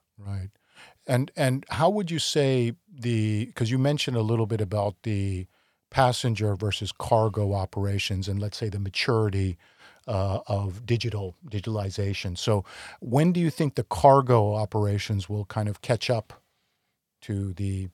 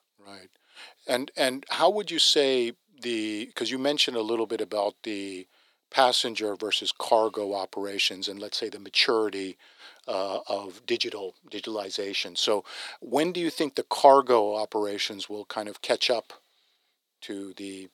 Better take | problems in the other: first | thin; somewhat; fading below 300 Hz

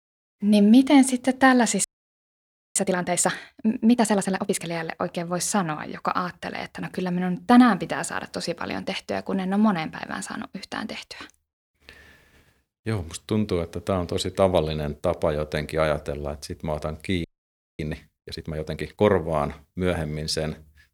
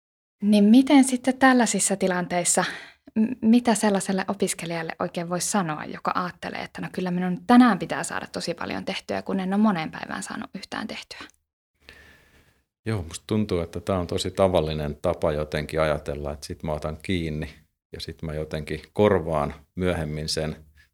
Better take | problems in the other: second | audio freezing; at 2 s for 1 s and at 17 s for 0.5 s

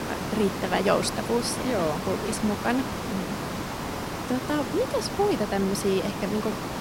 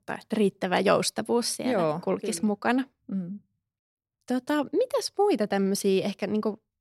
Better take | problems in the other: second | hiss; loud; throughout; 4 dB below the speech

